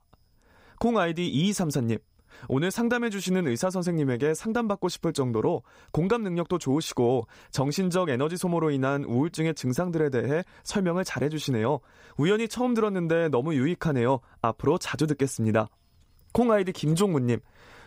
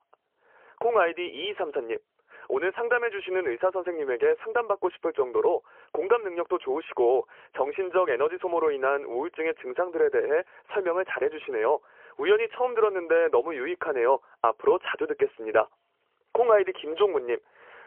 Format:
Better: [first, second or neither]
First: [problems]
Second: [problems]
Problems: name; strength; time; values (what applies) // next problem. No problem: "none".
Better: first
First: none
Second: phone-call audio; poor line; nothing above 3 kHz